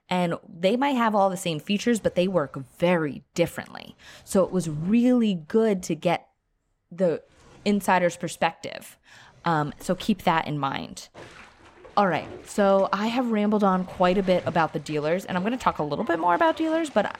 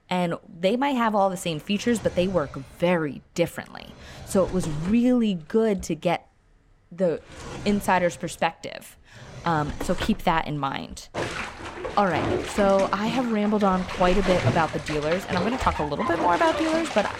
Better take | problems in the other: first | household noises; loud; throughout; 7 dB below the speech; faint in the first

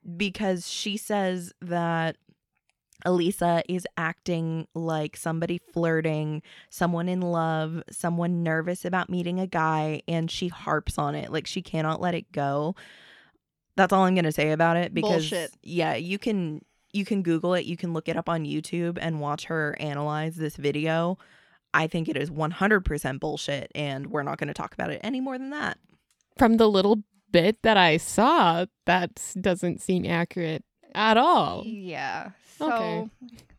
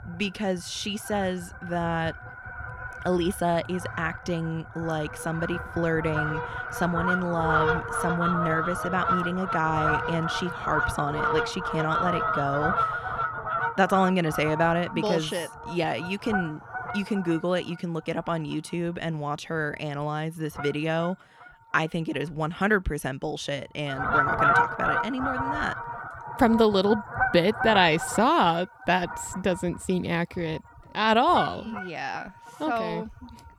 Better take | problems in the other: first | animal sounds; loud; throughout; 2 dB below the speech

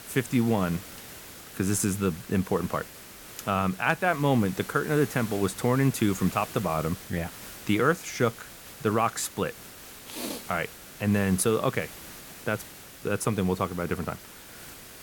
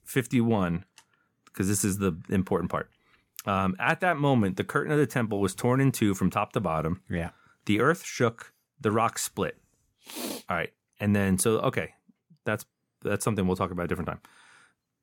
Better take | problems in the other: second | hiss; noticeable; throughout; 15 dB below the speech

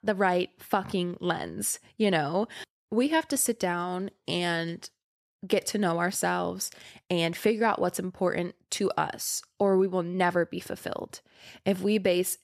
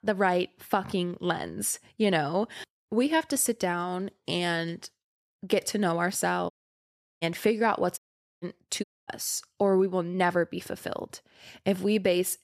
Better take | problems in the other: first | audio cutting out; at 6.5 s for 0.5 s, at 8 s and at 9 s

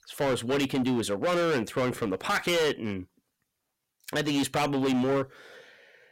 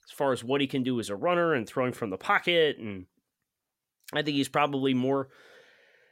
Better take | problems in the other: second | distortion; heavy; 17% of the sound clipped

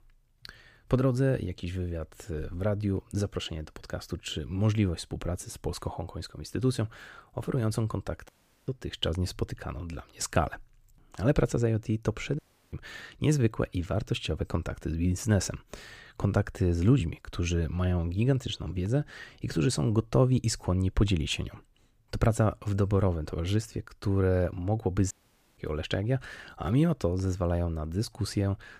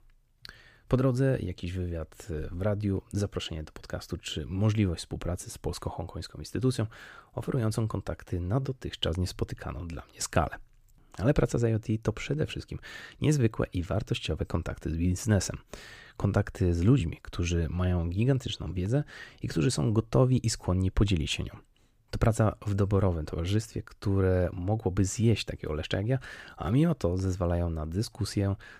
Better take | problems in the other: second | audio cutting out; at 8.5 s, at 12 s and at 25 s

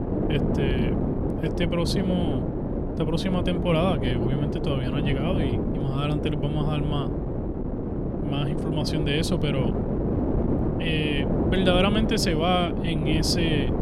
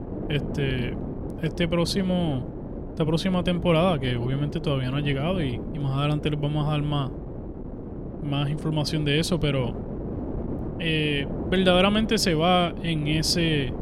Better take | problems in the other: second | wind noise on the microphone; heavy; 3 dB below the speech; occasional gusts in the second

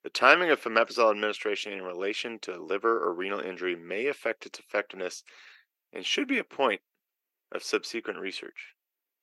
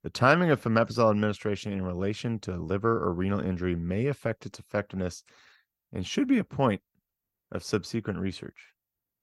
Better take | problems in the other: second | thin; somewhat; fading below 350 Hz

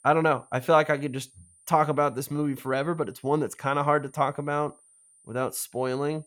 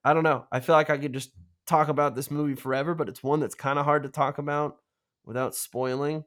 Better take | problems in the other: second | high-pitched whine; faint; throughout; 9 kHz, 30 dB below the speech

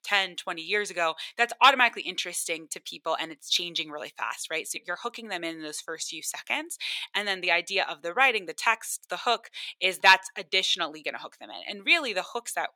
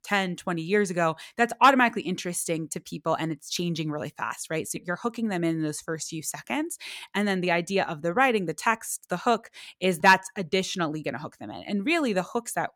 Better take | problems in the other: second | thin; very; fading below 500 Hz

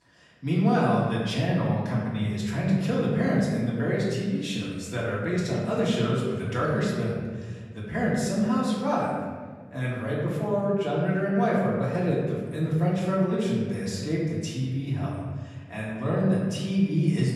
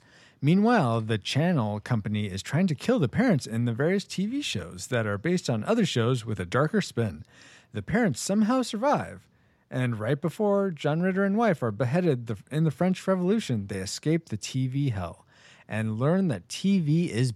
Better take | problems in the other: second | off-mic speech; far // room echo; noticeable; dies away in 1.5 s

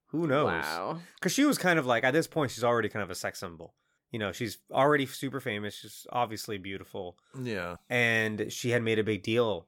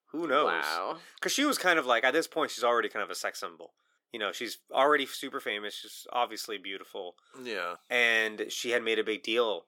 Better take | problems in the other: first | thin; somewhat; fading below 300 Hz

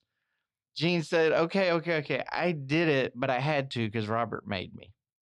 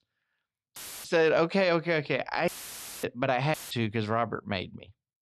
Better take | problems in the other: first | audio cutting out; filled with static; at 1 s, at 2.5 s for 0.5 s and at 3.5 s

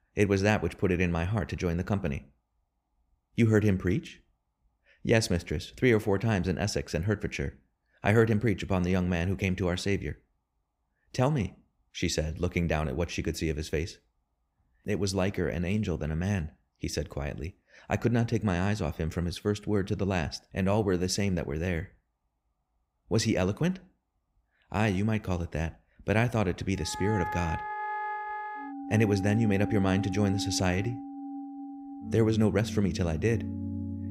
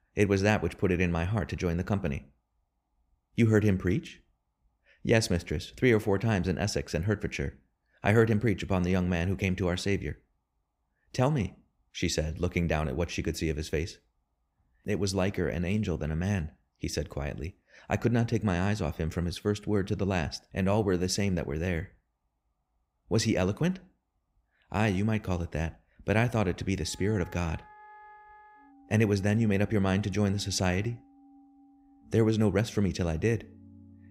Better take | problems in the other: second | background music; loud; from 27 s on; 7 dB below the speech; faint in the second

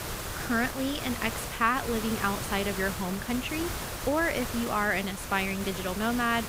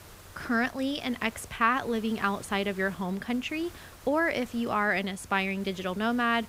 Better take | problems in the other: second | hiss; loud; throughout; 6 dB below the speech; faint in the second

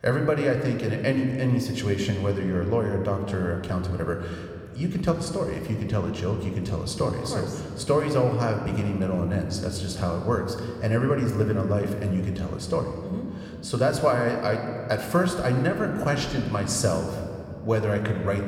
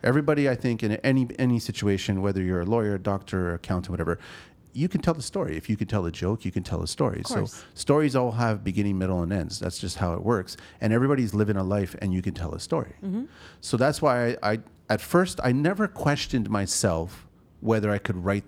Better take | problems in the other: second | room echo; slight; dies away in 2 s

